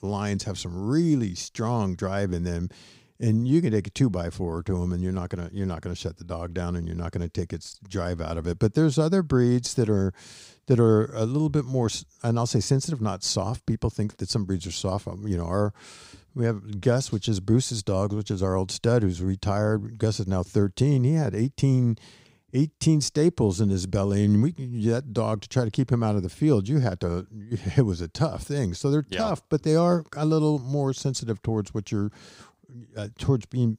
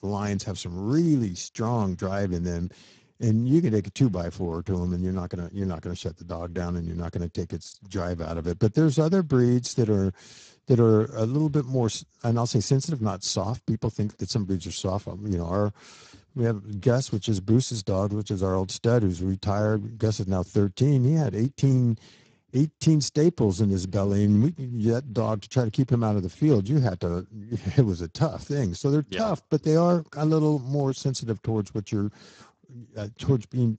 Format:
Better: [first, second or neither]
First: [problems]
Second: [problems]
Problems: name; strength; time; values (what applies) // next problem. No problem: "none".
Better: first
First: none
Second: garbled, watery; badly; nothing above 7.5 kHz